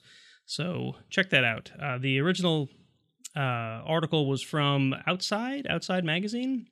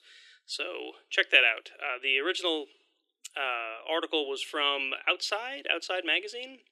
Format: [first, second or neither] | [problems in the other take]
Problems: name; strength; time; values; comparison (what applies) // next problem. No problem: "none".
first | thin; very; fading below 300 Hz